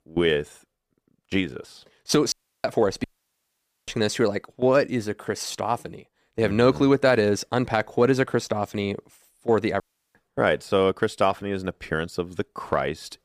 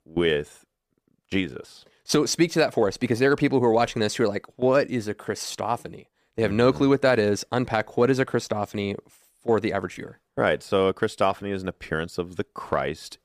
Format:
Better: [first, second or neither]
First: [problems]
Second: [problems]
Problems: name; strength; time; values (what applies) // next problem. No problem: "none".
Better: second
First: audio cutting out; at 2.5 s, at 3 s for 1 s and at 10 s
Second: none